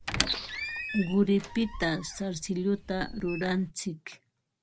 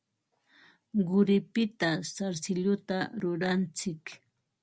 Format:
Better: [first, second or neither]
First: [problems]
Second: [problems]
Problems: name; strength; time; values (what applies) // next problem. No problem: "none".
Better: second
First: background sound (Squeak); 7 dB below the speech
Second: none